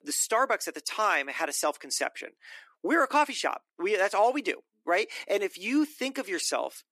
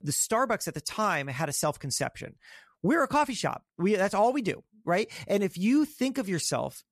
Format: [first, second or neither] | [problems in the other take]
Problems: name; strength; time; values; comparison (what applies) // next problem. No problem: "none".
second | thin; somewhat; fading below 300 Hz